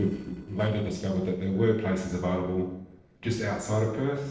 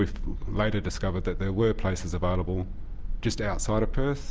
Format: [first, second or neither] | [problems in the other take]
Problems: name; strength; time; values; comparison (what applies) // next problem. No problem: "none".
second | noise reduction (neural separator model SepFormer DNS4)